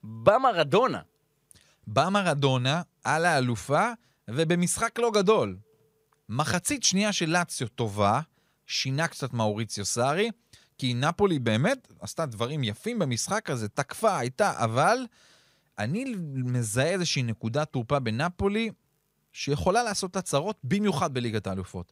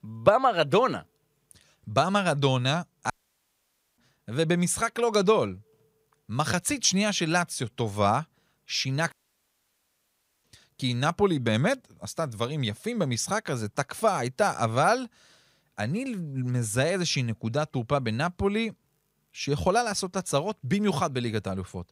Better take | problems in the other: first | audio cutting out; at 3 s for 1 s and at 9 s for 1.5 s

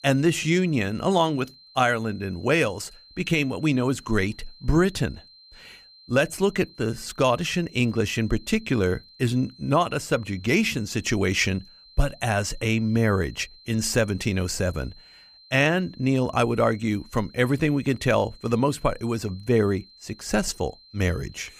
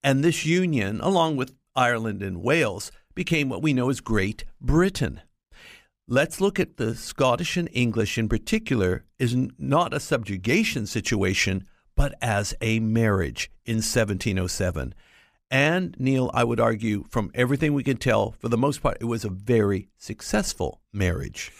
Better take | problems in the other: second | high-pitched whine; faint; throughout; 4 kHz, 25 dB below the speech

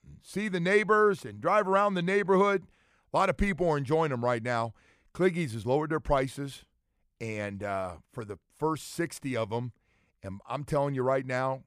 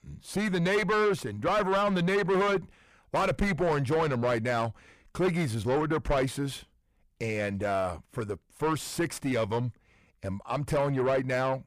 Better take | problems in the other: first | distortion; heavy; 6 dB below the speech

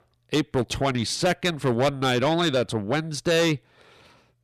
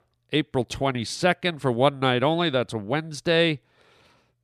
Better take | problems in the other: second | distortion; heavy; 7 dB below the speech

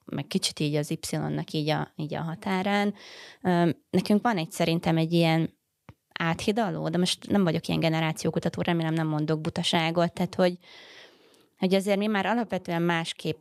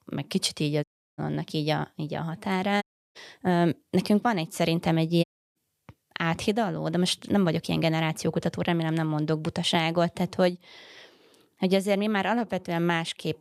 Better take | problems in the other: first | audio cutting out; at 1 s, at 3 s and at 5 s

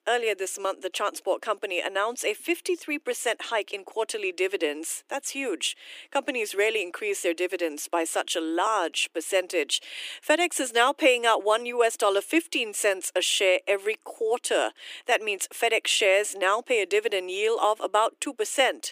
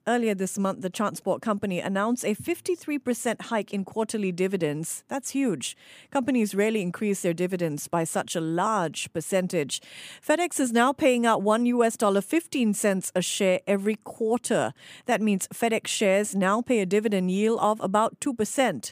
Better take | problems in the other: second | thin; very; fading below 300 Hz

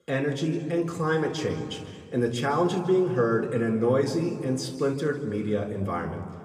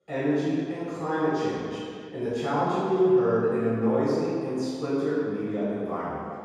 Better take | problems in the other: first | room echo; strong; dies away in 2.2 s; slight in the first // off-mic speech; far; somewhat distant in the first

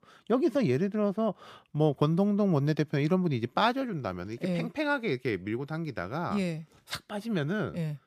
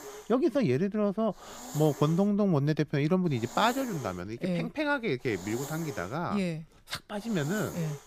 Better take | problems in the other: first | hiss; noticeable; throughout; 15 dB below the speech

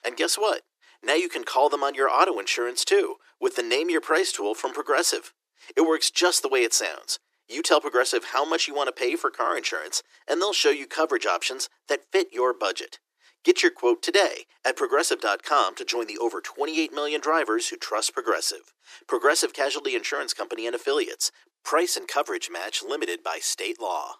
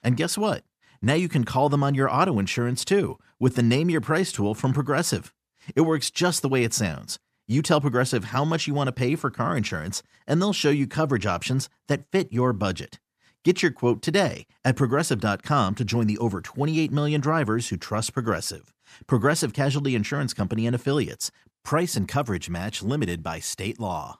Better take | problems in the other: second | thin; very; fading below 350 Hz

